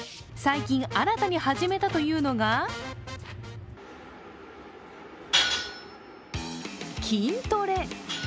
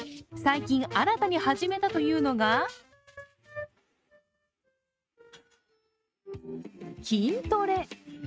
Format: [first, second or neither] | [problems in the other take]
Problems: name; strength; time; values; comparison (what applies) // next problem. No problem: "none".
first | noise reduction (neural mask model RNNoise)